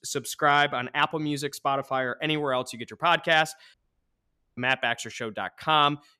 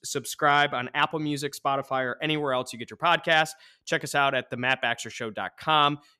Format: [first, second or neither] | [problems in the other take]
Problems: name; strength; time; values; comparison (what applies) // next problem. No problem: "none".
second | audio cutting out; at 3.5 s for 1 s